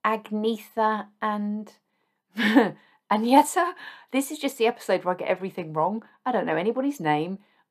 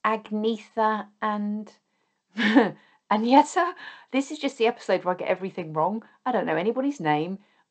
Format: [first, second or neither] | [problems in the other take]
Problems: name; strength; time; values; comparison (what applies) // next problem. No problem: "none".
first | garbled, watery; slightly; nothing above 8 kHz